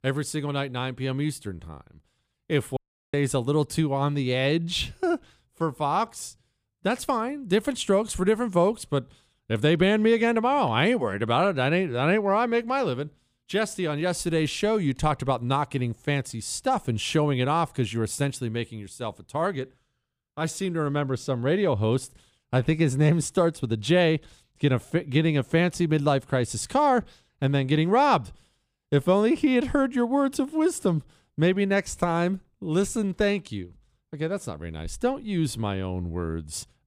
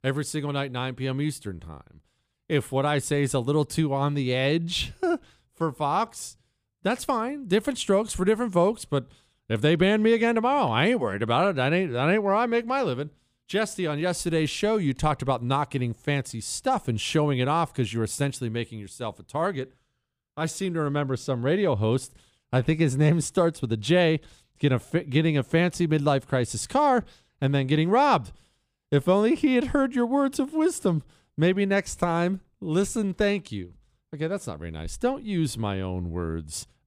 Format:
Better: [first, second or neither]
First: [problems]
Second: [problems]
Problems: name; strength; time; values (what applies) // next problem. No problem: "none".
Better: second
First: audio cutting out; at 3 s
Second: none